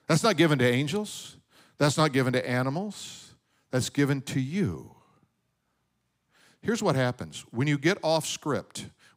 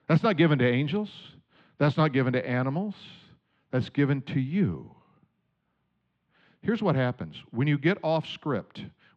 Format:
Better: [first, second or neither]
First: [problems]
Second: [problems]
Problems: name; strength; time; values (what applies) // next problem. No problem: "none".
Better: first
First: none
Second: muffled; slightly; fading above 3 kHz